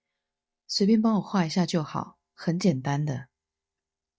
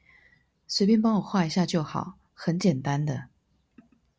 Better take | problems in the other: second | noise reduction (neural mask model DeepFilterNet 3)

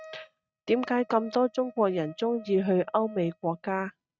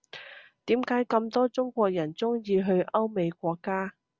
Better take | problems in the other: second | noise reduction (neural mask model RNNoise)

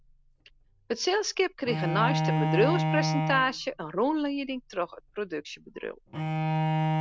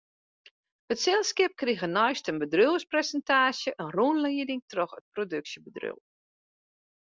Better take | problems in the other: second | background sound (Bowed string instrument); 1 dB below the speech

